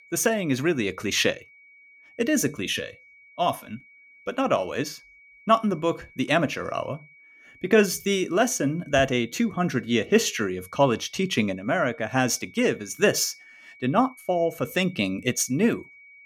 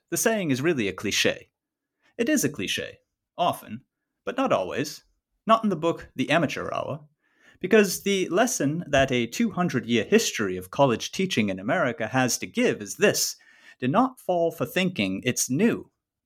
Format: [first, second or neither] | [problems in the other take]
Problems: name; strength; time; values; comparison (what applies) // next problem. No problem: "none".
second | high-pitched whine; faint; throughout; 2.5 kHz, 25 dB below the speech